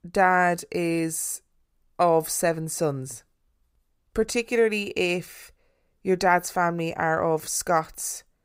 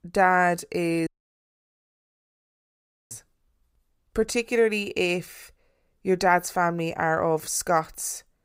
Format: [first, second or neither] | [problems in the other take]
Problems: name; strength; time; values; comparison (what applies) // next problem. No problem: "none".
first | audio cutting out; at 1 s for 2 s